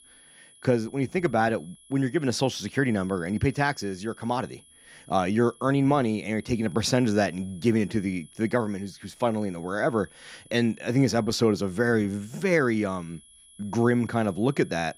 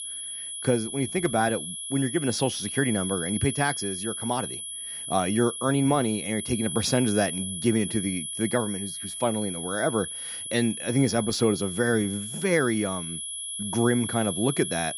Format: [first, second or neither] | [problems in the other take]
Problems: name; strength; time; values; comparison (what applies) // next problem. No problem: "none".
first | high-pitched whine; loud; throughout; 11 kHz, 5 dB below the speech; faint in the first